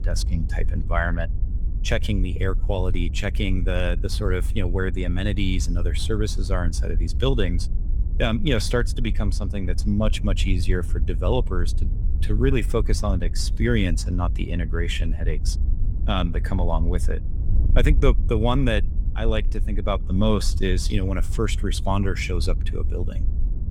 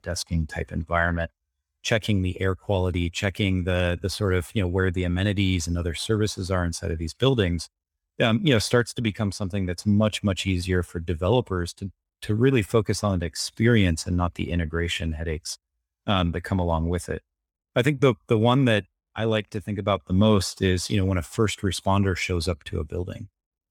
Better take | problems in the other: second | wind noise on the microphone; occasional gusts; 15 dB below the speech

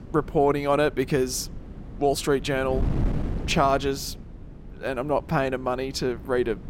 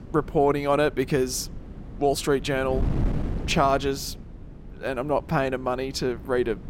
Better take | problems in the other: neither | wind noise on the microphone; occasional gusts; 20 dB below the speech; the same in both

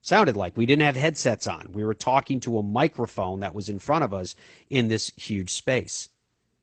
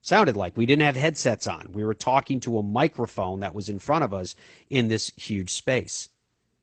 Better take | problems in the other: neither | garbled, watery; slightly; nothing above 8.5 kHz; the same in both

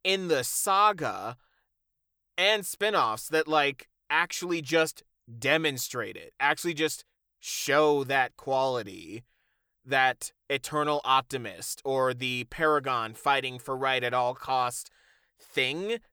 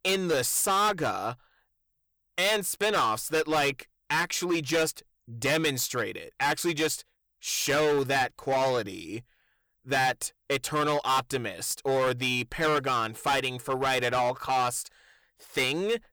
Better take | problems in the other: first | distortion; heavy; 11% of the sound clipped

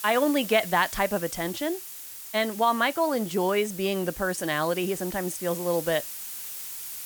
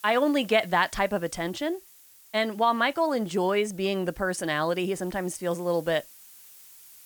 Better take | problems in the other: second | hiss; loud; throughout; 10 dB below the speech; faint in the second

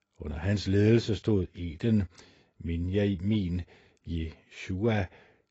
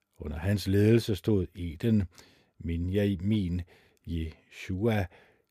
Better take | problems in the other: second | garbled, watery; badly; nothing above 7.5 kHz

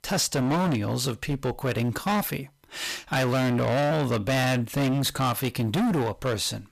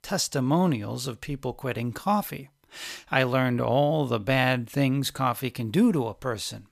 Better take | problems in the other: second | distortion; heavy; 24% of the sound clipped

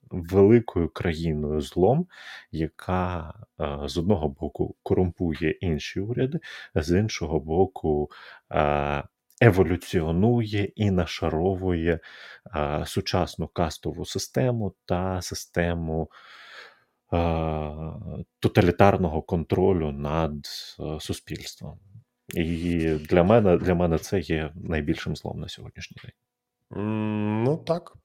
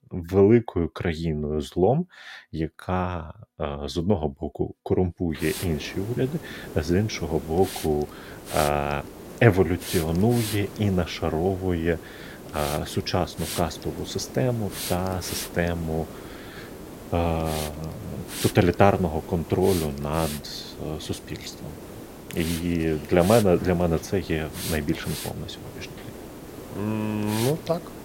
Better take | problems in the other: first | hiss; noticeable; from 5.5 s on; 10 dB below the speech

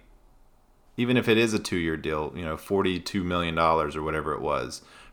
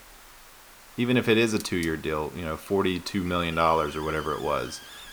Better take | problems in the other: first | hiss; noticeable; throughout; 20 dB below the speech

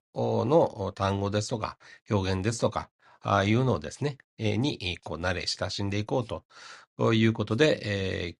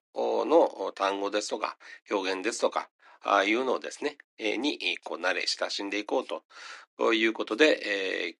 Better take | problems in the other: first | thin; somewhat; fading below 300 Hz

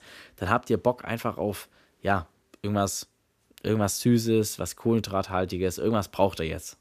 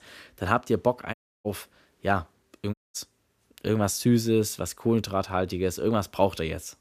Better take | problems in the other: first | audio cutting out; at 1 s and at 2.5 s

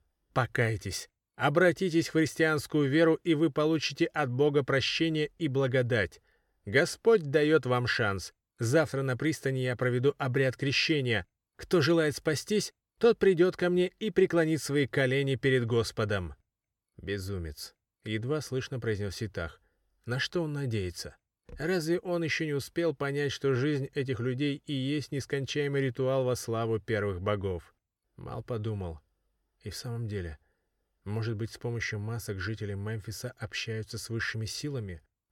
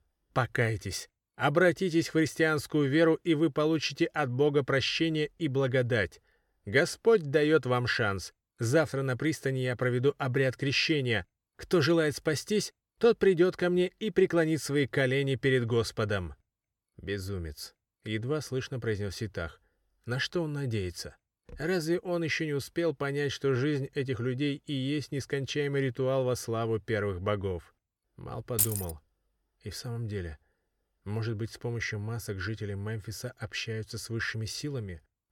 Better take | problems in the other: first | jangling keys; loud; at 29 s; peak 2 dB above the speech

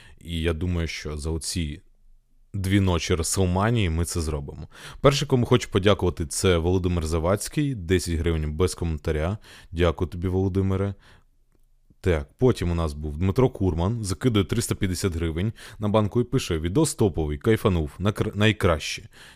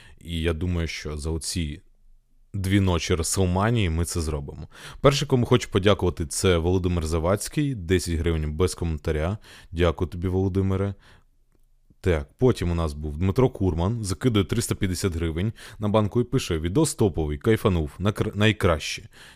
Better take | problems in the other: neither | none

